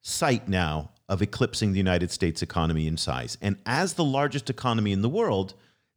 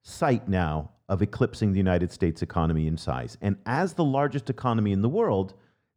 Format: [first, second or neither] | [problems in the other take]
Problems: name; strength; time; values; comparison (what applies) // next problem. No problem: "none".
first | muffled; slightly; fading above 2 kHz